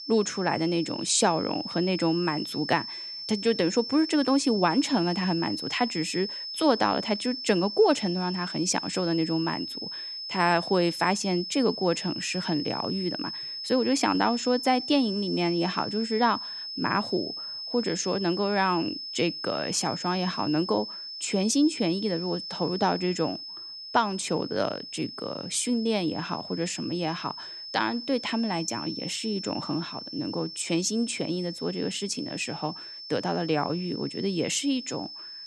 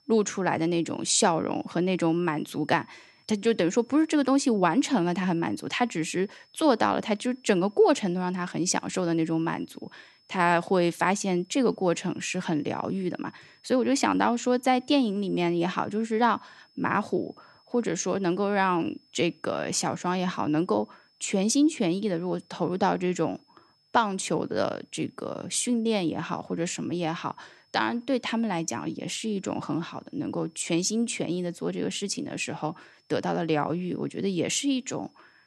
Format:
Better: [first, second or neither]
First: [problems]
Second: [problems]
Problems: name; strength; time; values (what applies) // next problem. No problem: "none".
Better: second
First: high-pitched whine; loud; throughout; 5 kHz, 7 dB below the speech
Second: high-pitched whine; faint; throughout; 5 kHz, 35 dB below the speech